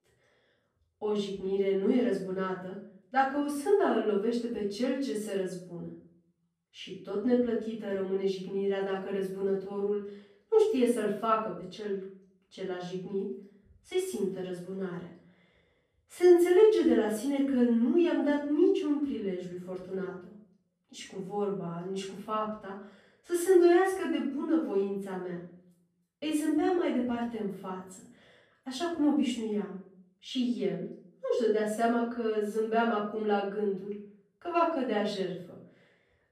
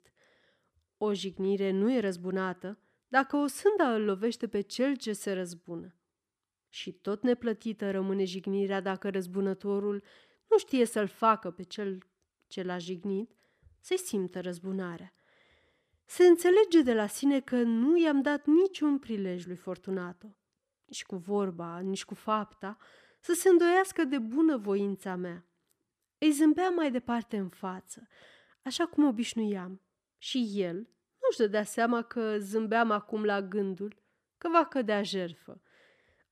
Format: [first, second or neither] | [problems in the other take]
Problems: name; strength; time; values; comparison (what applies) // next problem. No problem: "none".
second | room echo; noticeable; dies away in 0.5 s // off-mic speech; far